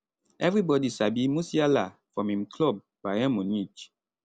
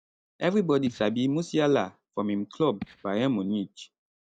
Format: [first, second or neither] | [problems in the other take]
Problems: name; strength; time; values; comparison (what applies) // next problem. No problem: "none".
first | noise reduction (neural mask model DeepFilterNet 3)